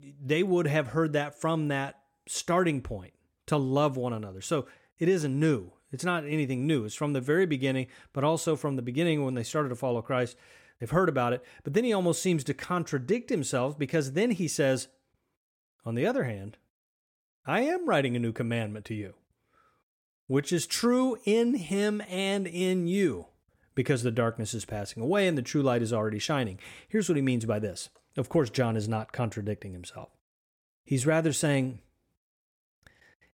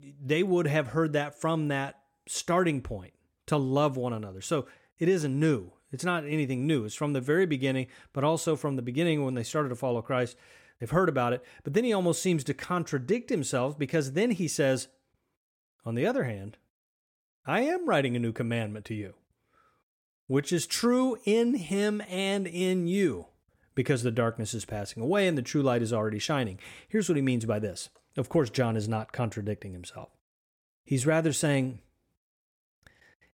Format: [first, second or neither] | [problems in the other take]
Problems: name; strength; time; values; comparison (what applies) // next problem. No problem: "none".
neither | none